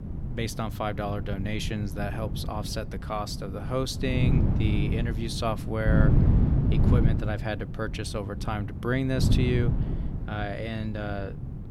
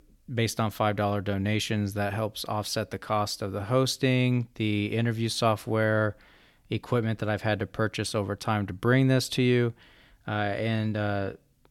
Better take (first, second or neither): second